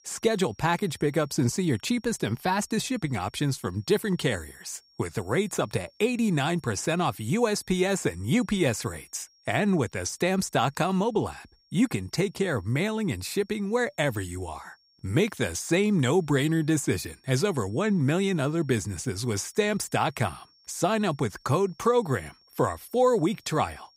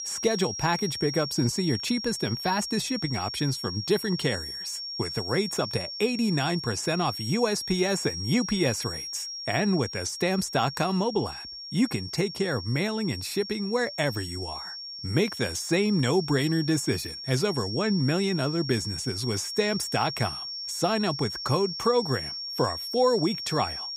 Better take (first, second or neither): first